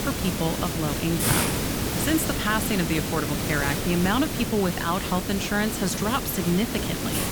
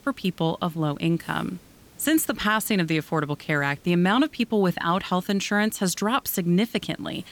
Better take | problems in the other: second | hiss; loud; throughout; 1 dB below the speech; faint in the second

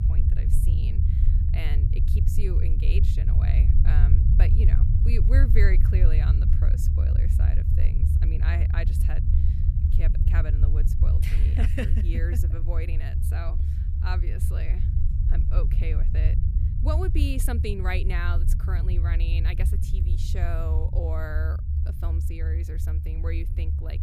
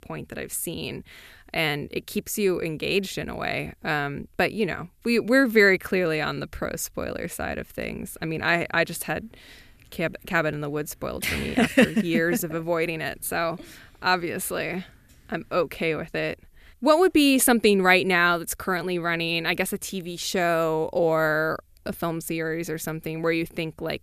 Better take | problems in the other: second | low rumble; loud; throughout; 3 dB below the speech

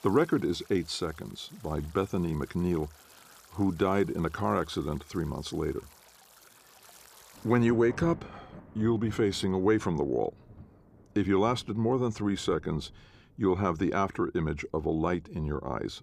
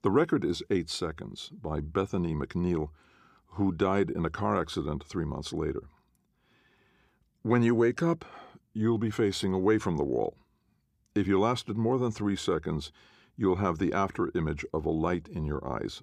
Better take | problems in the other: second | rain or running water; faint; throughout; 20 dB below the speech

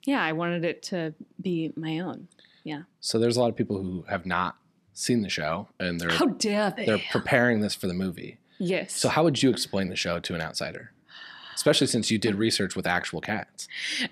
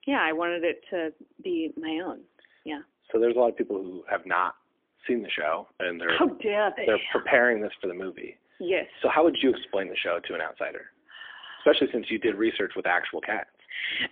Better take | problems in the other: first | phone-call audio; poor line; nothing above 3.5 kHz

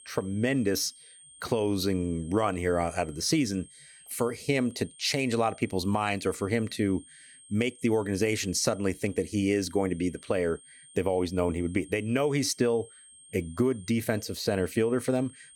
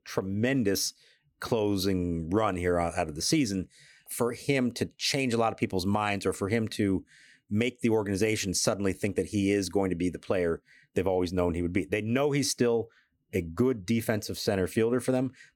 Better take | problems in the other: second | high-pitched whine; faint; throughout; 8.5 kHz, 20 dB below the speech

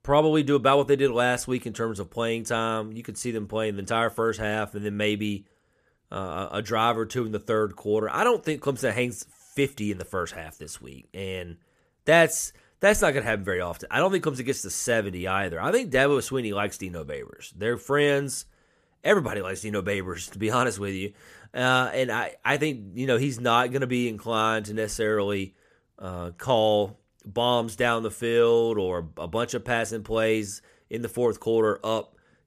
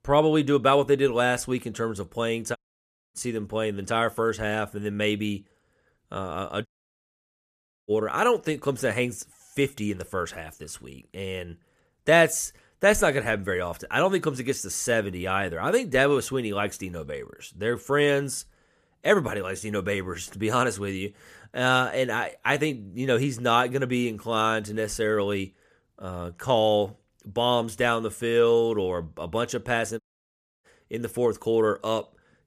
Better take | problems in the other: first | audio cutting out; at 2.5 s for 0.5 s, at 6.5 s for 1 s and at 30 s for 0.5 s

